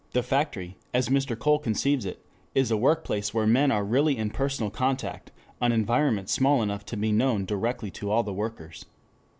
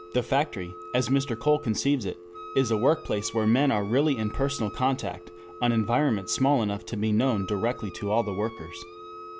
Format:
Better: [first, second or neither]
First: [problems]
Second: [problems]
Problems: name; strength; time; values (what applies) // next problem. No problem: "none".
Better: first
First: none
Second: background sound (Telephone + Wind instrument, woodwind instrument); 16 dB below the speech